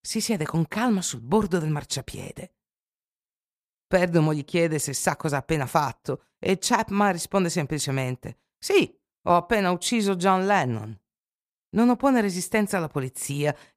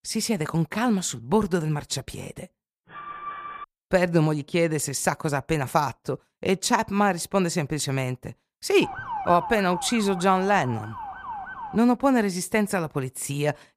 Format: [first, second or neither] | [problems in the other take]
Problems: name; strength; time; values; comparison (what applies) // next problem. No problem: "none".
first | alarm; faint; at 3 s; peak 10 dB below the speech // siren; noticeable; from 9 to 12 s; peak 8 dB below the speech